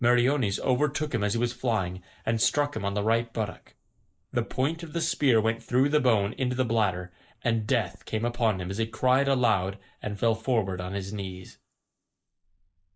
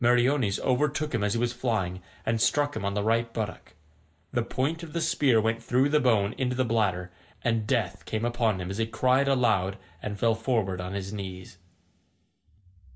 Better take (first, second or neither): second